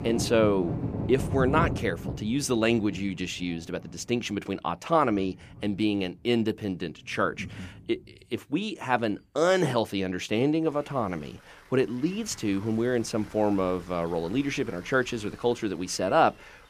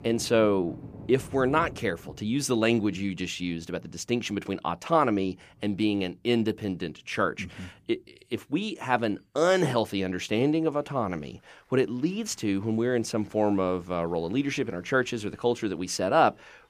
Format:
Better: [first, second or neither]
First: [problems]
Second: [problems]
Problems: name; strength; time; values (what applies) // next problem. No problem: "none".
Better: second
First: rain or running water; loud; throughout; 9 dB below the speech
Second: rain or running water; faint; throughout; 20 dB below the speech